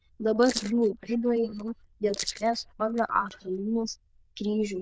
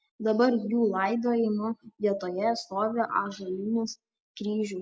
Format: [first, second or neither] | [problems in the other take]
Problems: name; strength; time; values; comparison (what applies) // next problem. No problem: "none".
second | noise reduction (neural diffusion model UNIVERSE++)